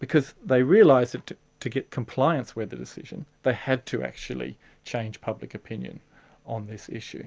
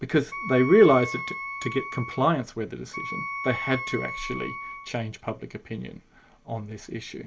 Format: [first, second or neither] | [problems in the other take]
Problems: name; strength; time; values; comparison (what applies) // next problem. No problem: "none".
first | background sound (Wind instrument, woodwind instrument); 8 dB below the speech // room echo; dies away in 0.2 s